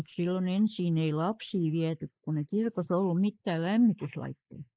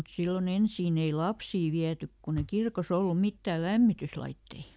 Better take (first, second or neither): second